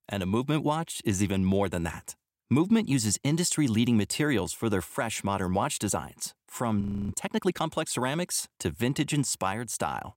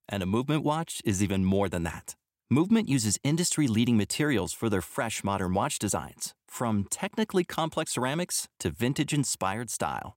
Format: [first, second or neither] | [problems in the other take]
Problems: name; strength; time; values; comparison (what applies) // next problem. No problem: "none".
second | audio freezing; at 7 s